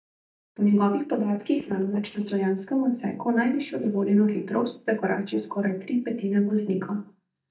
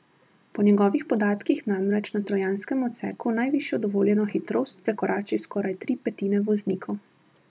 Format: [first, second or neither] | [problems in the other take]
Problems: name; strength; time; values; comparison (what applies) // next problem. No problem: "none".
second | noise reduction (neural mask model DeepFilterNet 3)